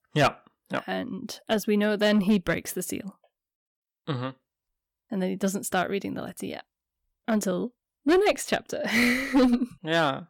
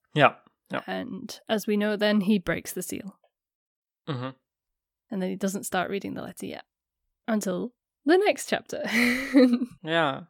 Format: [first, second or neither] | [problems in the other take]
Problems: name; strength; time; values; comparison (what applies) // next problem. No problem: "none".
second | distortion; slight; 3% of the sound clipped